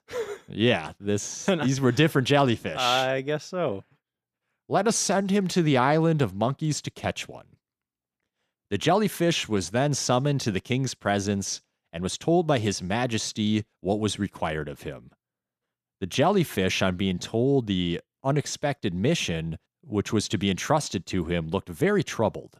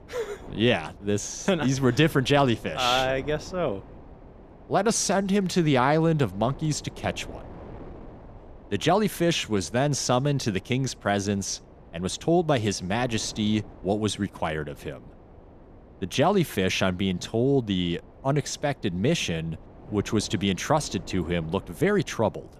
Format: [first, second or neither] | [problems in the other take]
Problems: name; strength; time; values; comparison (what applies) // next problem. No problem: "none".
first | wind noise on the microphone; occasional gusts; 25 dB below the speech